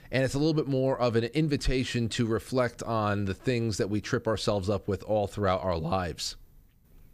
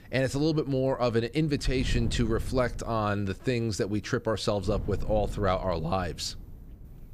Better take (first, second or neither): first